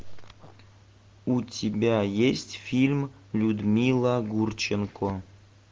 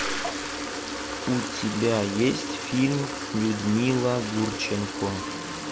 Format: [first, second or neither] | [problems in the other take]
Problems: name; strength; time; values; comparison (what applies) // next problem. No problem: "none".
first | background sound (Toilet flush); 5 dB below the speech